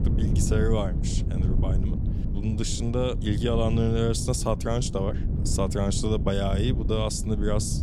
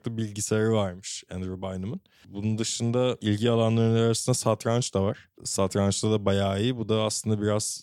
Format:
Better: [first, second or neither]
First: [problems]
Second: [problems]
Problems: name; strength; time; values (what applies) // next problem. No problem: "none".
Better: second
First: wind noise on the microphone; heavy; 10 dB below the speech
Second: none